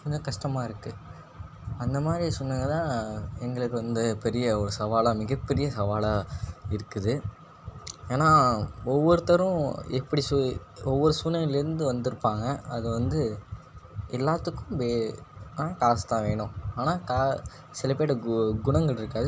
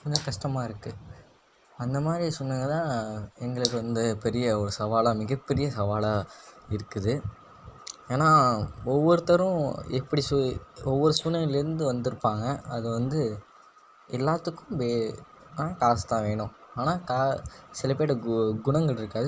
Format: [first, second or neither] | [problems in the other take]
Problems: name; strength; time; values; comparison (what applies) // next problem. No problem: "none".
first | noise reduction (neural mask model Resemble Enhance denoiser)